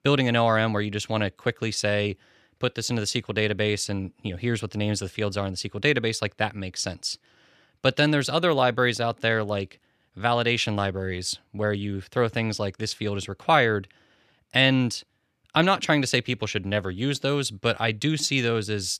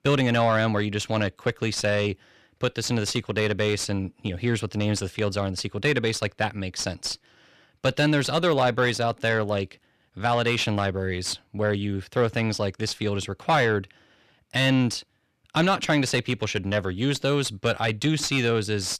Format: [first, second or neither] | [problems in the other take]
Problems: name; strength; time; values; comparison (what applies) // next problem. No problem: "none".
first | distortion; slight; 10 dB below the speech